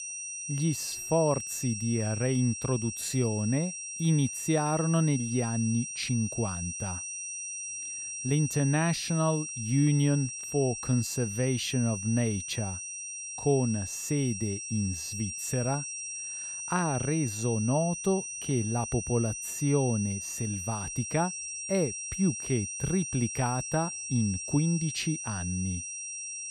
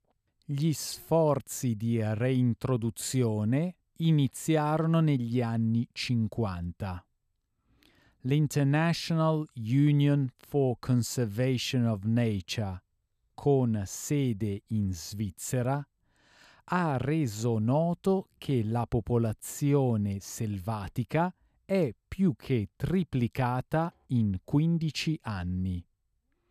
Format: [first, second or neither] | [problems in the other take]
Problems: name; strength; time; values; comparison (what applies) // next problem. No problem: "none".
second | high-pitched whine; loud; throughout; 6 kHz, 5 dB below the speech